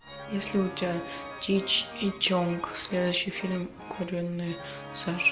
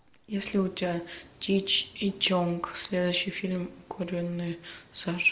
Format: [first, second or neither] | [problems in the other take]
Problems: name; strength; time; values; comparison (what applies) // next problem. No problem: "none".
second | background sound (Organ); 12 dB below the speech